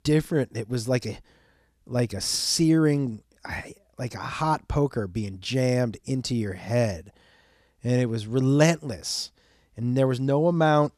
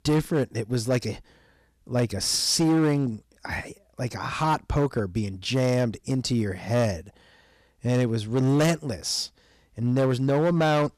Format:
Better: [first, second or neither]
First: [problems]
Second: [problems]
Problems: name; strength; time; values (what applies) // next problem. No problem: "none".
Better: first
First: none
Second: distortion; slight; 8% of the sound clipped